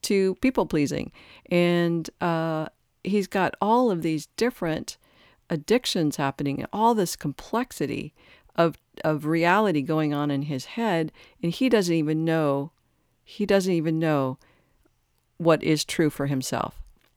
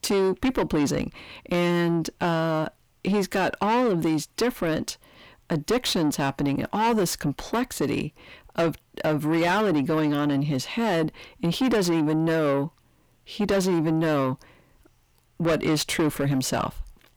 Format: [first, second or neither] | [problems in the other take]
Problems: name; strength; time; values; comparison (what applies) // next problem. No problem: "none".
first | distortion; heavy; 6 dB below the speech